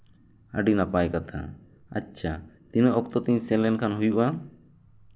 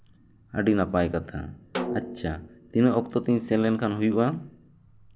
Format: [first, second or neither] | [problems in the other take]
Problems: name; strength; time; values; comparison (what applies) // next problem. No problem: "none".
first | background sound (Snare drum); 11 dB below the speech